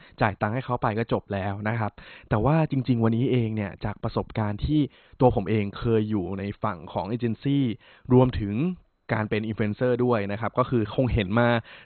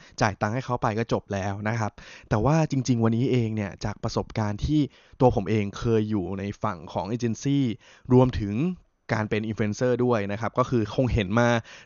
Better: second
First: garbled, watery; badly; nothing above 4 kHz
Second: garbled, watery; slightly; nothing above 6.5 kHz

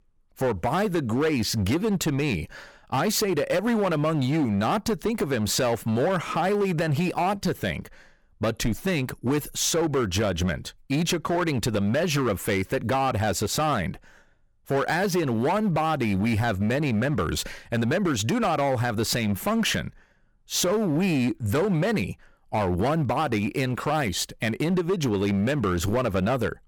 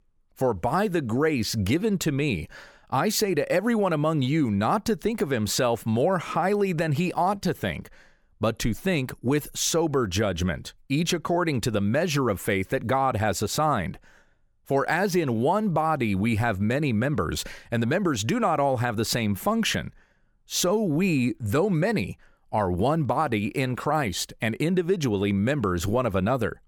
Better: second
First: distortion; slight; 13% of the sound clipped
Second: none

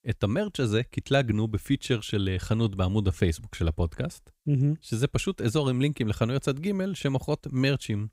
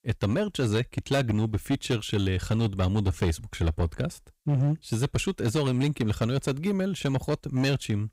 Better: first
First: none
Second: distortion; slight; 9% of the sound clipped

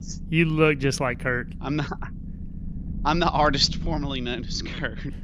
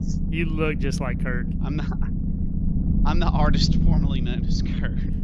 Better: first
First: low rumble; faint; throughout; 20 dB below the speech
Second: low rumble; loud; throughout; 5 dB below the speech

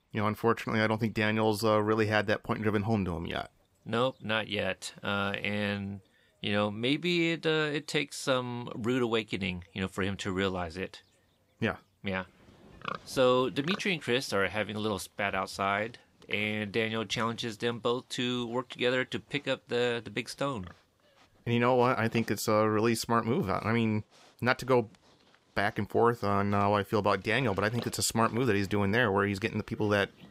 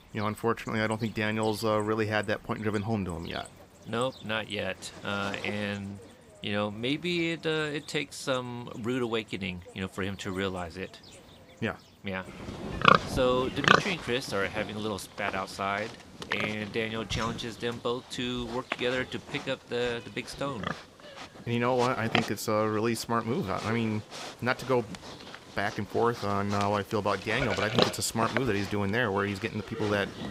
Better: first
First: animal sounds; faint; throughout; 20 dB below the speech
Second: animal sounds; loud; throughout; 2 dB below the speech

